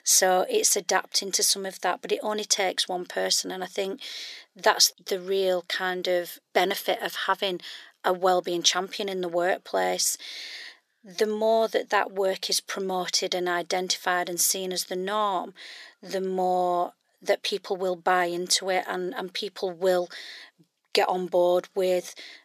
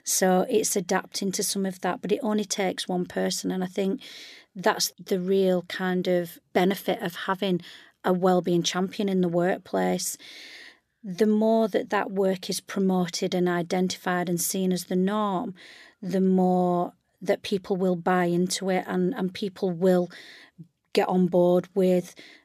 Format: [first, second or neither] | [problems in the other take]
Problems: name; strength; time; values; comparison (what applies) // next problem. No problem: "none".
second | thin; very; fading below 500 Hz